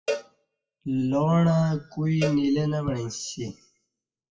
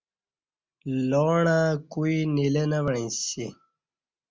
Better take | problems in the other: second | noise reduction (classical method WPE with log-MMSE)

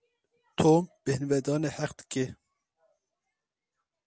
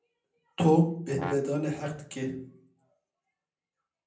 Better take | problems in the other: first | background sound (Brass instrument); 12 dB below the speech // room echo; dies away in 0.6 s

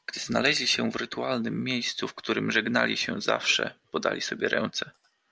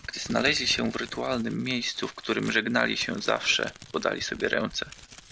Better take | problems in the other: first | background sound (Crumpling, crinkling); 18 dB below the speech

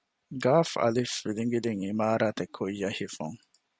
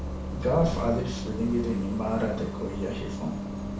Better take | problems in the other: first | background sound (Bus); 3 dB below the speech // room echo; dies away in 0.6 s

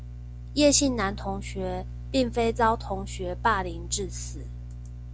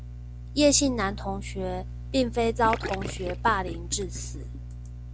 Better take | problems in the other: first | background sound (Gurgling / Liquid); 11 dB below the speech

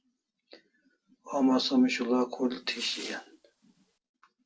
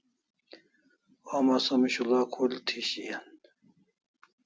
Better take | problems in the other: second | noise reduction (neural separator model SepFormer DNS4)

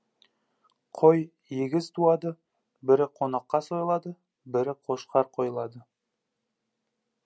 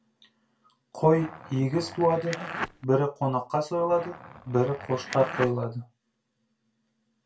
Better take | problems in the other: first | background sound (Zipper (clothing)); 10 dB below the speech // room echo; dies away in 0.2 s

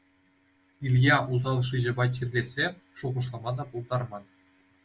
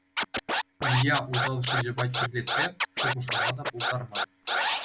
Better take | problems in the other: first | background sound (Scratching (performance technique)); 2 dB above the speech

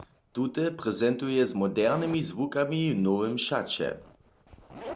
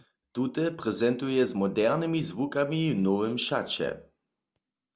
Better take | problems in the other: second | background sound (Zipper (clothing)); 20 dB below the speech

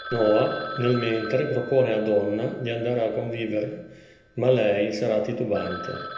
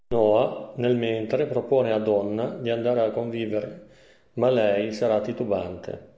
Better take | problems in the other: second | background sound (Telephone); 14 dB below the speech // room echo; dies away in 0.7 s

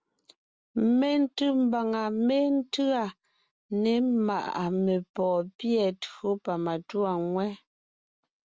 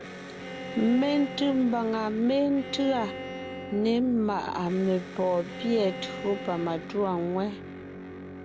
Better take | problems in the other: first | background sound (Bowed string instrument + Electric guitar); 11 dB below the speech

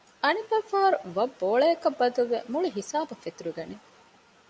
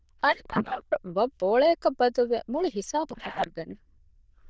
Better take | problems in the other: first | noise reduction (neural diffusion model UNIVERSE++)

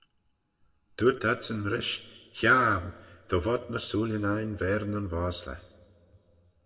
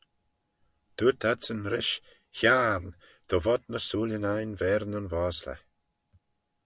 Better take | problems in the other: second | room echo; dies away in 1.3 s

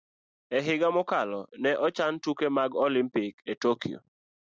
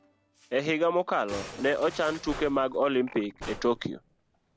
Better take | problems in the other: first | background sound (Musical instrument); 16 dB below the speech

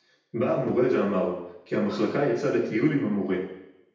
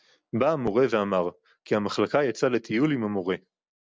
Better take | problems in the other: second | room echo; dies away in 0.8 s

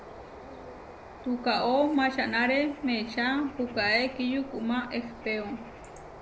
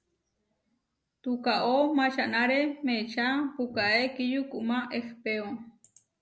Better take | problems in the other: second | background sound (Bird); 16 dB below the speech

